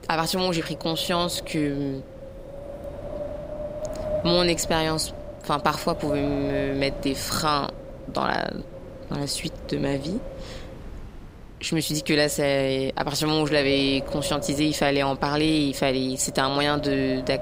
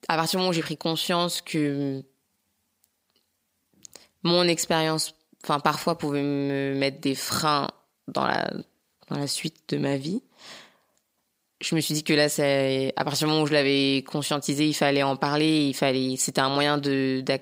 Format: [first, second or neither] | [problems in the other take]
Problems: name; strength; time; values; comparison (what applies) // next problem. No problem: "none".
second | wind noise on the microphone; occasional gusts; 10 dB below the speech